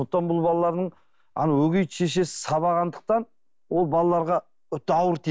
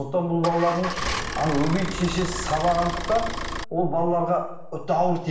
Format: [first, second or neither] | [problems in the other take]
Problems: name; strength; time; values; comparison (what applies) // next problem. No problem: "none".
first | background sound (Idling / Engine starting / Motor vehicle (road)); 6 dB below the speech // room echo; dies away in 0.8 s